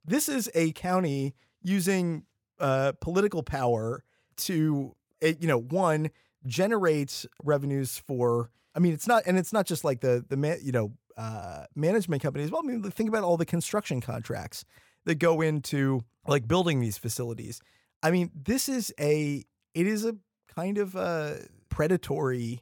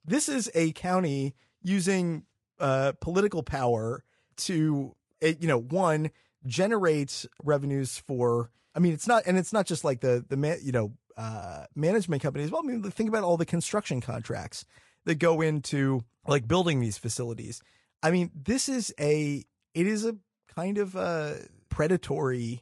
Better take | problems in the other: first | garbled, watery; slightly; nothing above 10.5 kHz

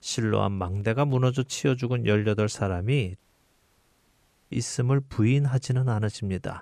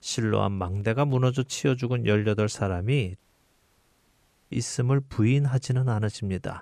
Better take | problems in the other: neither | audio cutting out; at 3 s for 1.5 s; the same in both

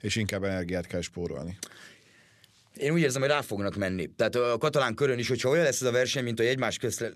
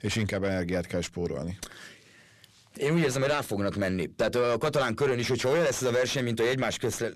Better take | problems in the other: first | distortion; slight; 10 dB below the speech

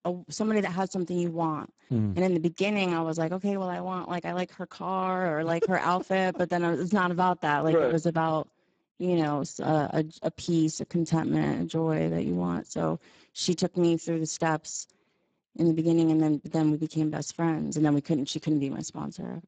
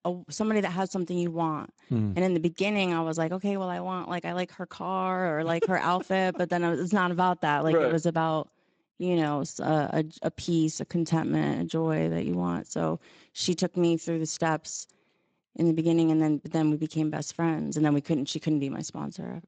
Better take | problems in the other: second | garbled, watery; badly; nothing above 7.5 kHz; slightly in the second

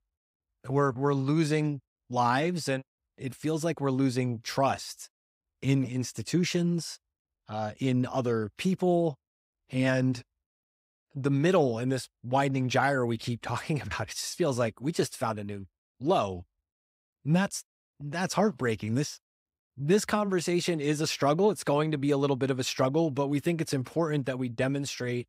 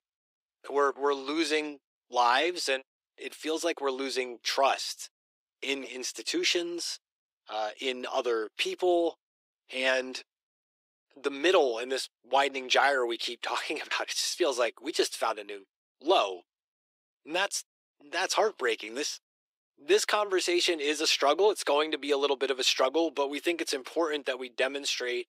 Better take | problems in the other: first | thin; very; fading below 350 Hz

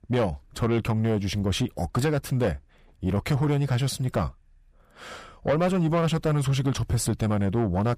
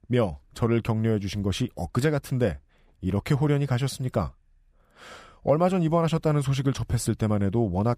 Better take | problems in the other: second | distortion; slight; 10 dB below the speech

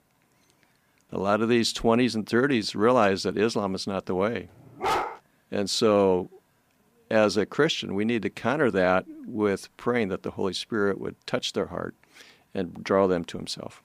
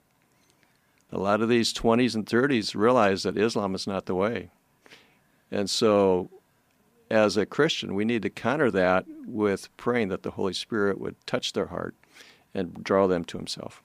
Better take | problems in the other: second | dog barking; noticeable; at 5 s; peak 2 dB below the speech

